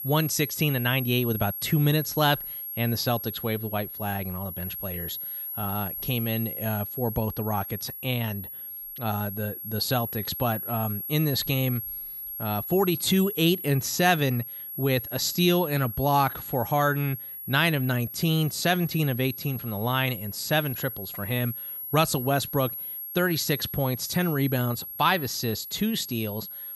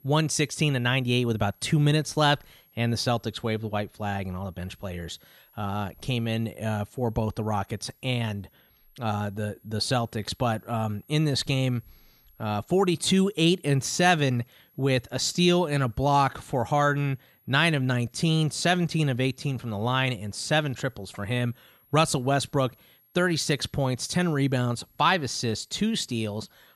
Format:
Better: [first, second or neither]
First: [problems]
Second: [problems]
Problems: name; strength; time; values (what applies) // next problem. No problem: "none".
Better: second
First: high-pitched whine; loud; throughout; 11.5 kHz, 7 dB below the speech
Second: high-pitched whine; faint; throughout; 11.5 kHz, 35 dB below the speech